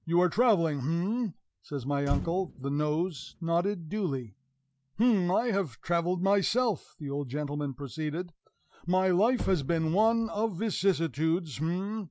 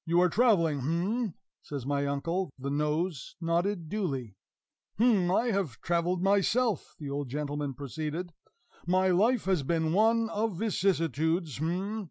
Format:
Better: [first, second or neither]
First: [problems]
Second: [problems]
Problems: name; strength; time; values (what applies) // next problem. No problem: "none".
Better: second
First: background sound (Motor vehicle (road)); 16 dB below the speech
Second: none